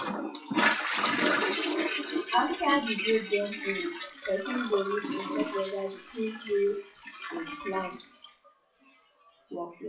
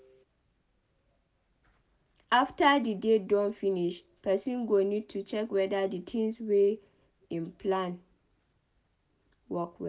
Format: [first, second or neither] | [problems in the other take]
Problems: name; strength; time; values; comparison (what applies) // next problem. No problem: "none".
second | noise reduction (classical method WPE with log-MMSE)